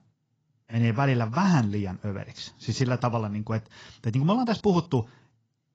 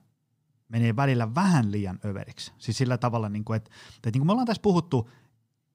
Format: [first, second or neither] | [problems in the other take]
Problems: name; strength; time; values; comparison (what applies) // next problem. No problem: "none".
second | garbled, watery; badly